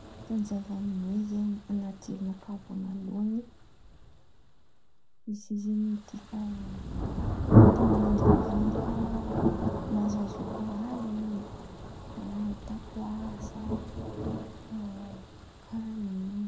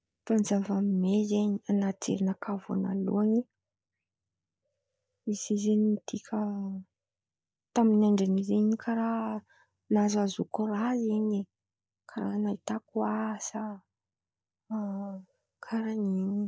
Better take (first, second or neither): second